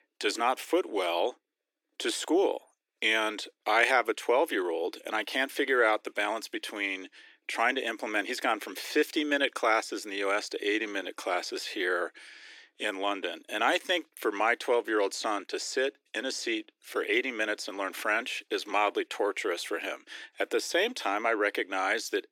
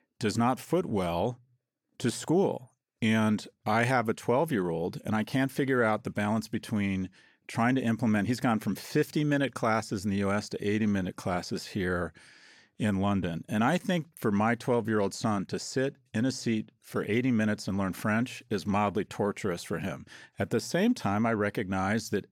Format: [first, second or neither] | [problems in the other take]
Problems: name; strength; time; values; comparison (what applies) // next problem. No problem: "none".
second | thin; very; fading below 300 Hz